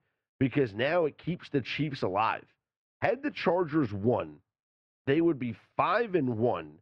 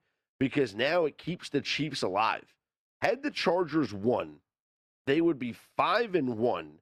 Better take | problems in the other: second | muffled; slightly; fading above 2.5 kHz

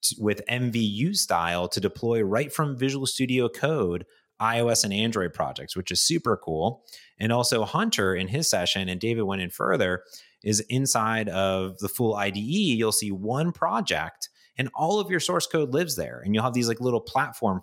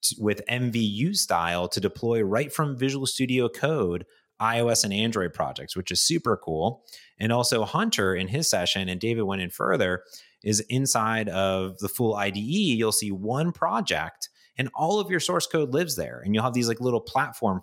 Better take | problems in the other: neither | none

